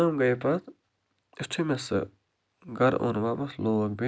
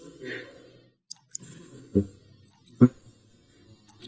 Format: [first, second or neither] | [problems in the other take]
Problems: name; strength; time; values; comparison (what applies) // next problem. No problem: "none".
first | noise reduction (neural mask model DeepFilterNet 3)